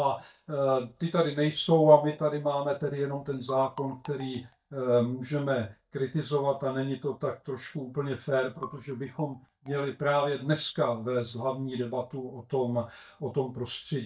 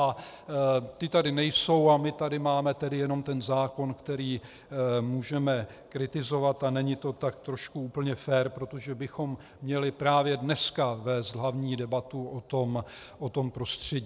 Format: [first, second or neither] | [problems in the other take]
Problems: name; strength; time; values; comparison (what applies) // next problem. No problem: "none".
second | noise reduction (neural mask model DeepFilterNet 3)